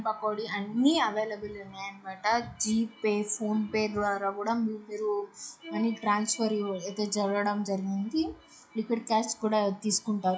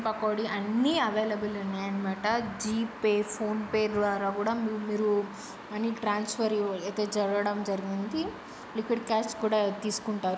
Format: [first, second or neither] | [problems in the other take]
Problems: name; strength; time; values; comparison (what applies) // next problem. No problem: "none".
second | noise reduction (classical method WPE with log-MMSE)